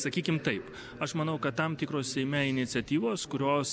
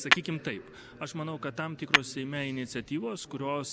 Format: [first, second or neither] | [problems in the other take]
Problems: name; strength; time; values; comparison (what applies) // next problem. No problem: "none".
first | background sound (Tap / Hammer); 1 dB above the speech